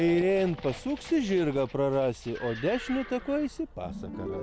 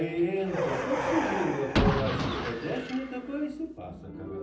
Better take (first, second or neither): first